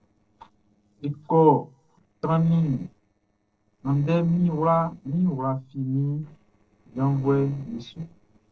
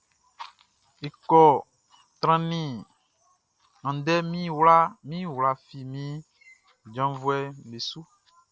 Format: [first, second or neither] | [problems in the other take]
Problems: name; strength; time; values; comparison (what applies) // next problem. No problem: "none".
second | noise reduction (neural separator model SepFormer DNS4)